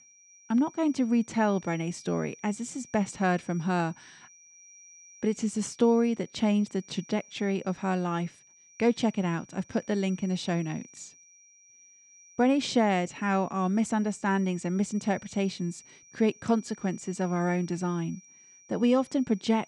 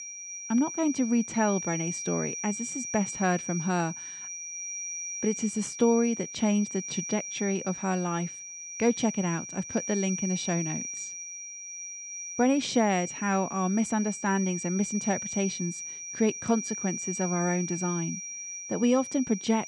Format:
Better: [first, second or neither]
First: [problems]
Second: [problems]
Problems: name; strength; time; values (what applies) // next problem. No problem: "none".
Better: first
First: high-pitched whine; faint; throughout; 6 kHz, 25 dB below the speech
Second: high-pitched whine; loud; throughout; 6 kHz, 6 dB below the speech